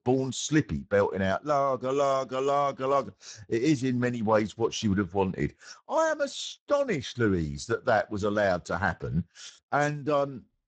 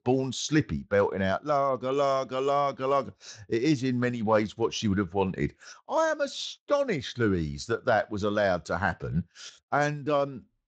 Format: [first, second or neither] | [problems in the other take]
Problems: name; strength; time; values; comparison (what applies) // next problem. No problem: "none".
second | garbled, watery; badly; nothing above 7.5 kHz; slightly in the second